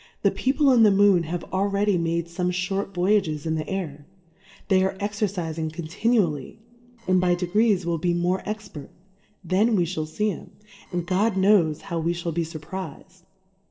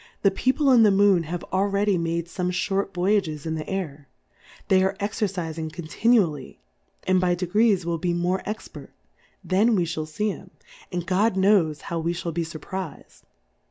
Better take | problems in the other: second | noise reduction (neural separator model SepFormer DNS4)

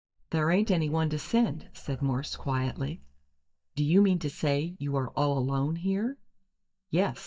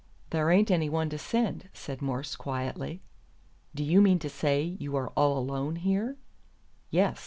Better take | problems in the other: second | noise reduction (neural mask model DeepFilterNet 3)

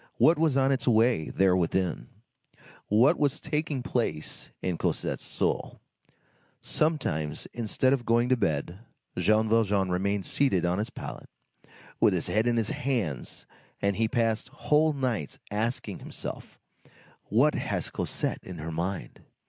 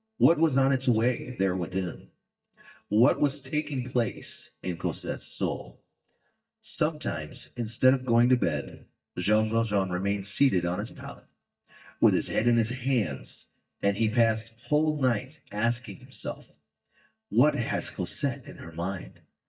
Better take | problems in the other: first | noise reduction (neural mask model DeepFilterNet 3)

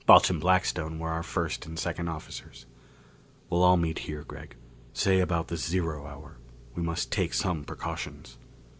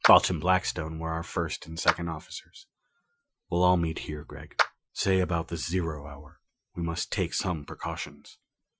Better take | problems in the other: first | noise reduction (classical method Wiener filter)

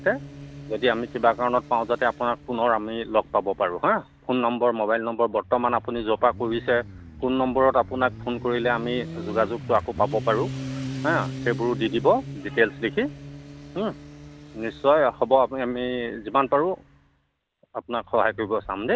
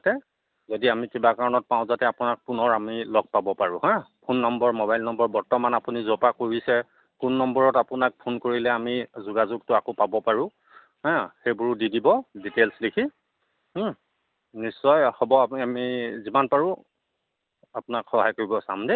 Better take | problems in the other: second | background sound (Motorcycle); 14 dB below the speech

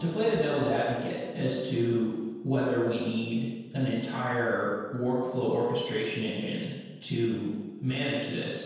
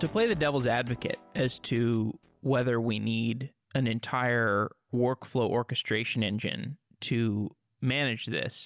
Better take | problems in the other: second | room echo; dies away in 1.2 s

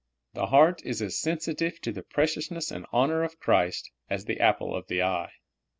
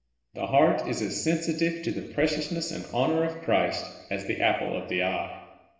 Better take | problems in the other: first | room echo; dies away in 1.1 s

